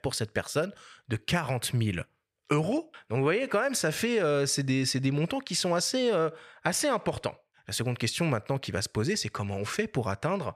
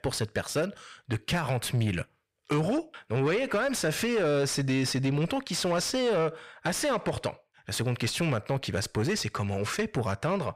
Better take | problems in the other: first | distortion; slight; 10 dB below the speech

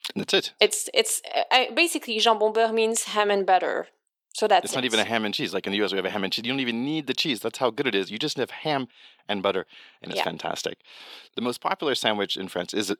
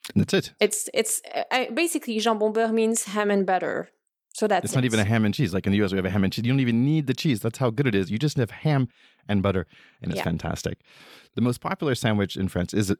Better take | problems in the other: second | thin; somewhat; fading below 350 Hz

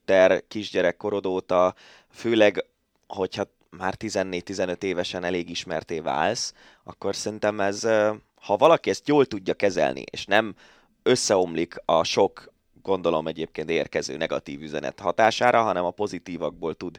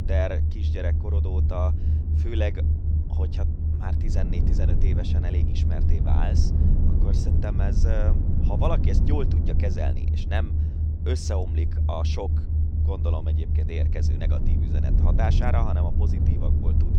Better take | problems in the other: first | low rumble; loud; throughout; 3 dB below the speech

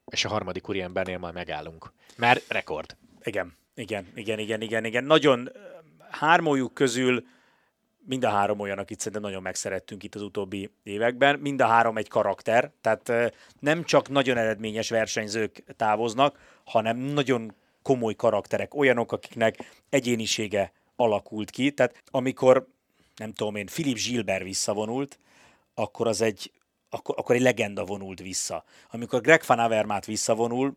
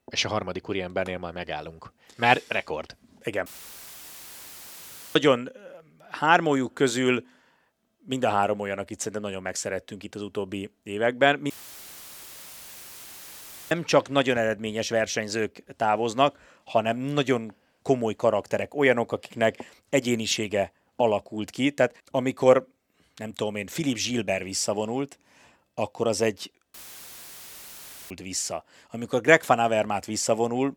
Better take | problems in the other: first | audio cutting out; filled with static; at 3.5 s for 1.5 s, at 12 s for 2 s and at 27 s for 1.5 s

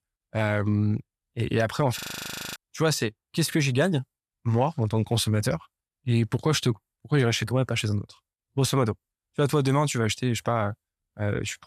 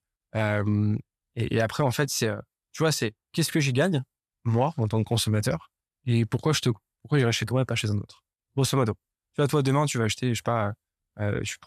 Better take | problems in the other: second | audio freezing; at 2 s for 0.5 s

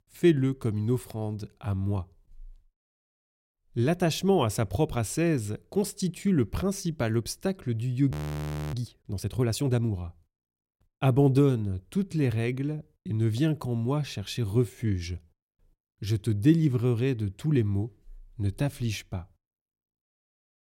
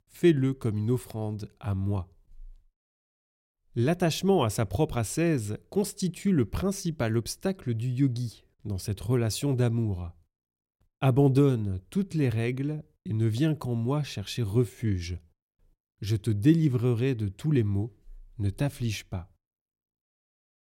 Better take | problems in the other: second | audio freezing; at 8 s for 0.5 s

